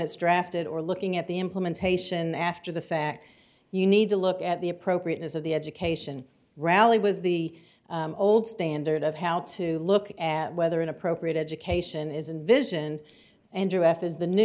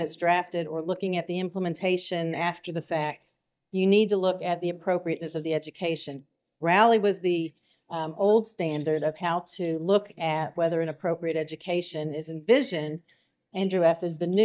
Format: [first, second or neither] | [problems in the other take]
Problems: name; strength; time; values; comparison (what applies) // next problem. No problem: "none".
first | noise reduction (neural mask model DeepFilterNet 3)